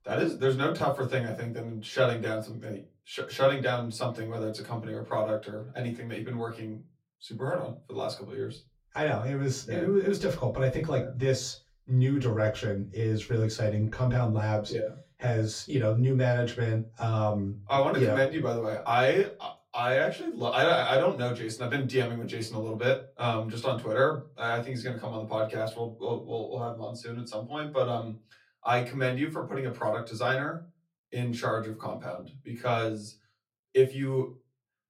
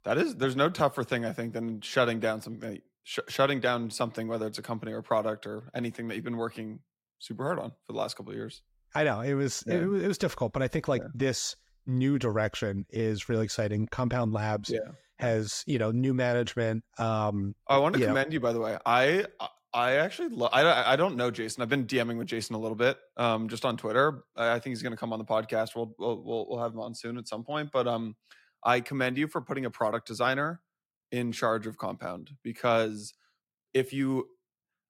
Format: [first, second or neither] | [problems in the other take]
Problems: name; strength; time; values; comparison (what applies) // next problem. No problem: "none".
second | off-mic speech; far // room echo; very slight; dies away in 0.2 s